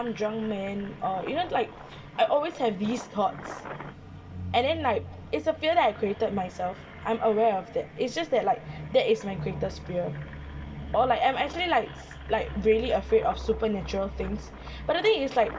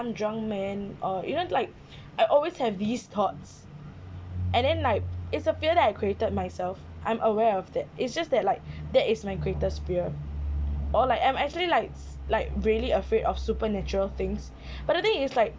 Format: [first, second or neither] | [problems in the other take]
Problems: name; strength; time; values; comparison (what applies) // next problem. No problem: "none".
second | background sound (Engine); 20 dB below the speech // room echo; dies away in 3 s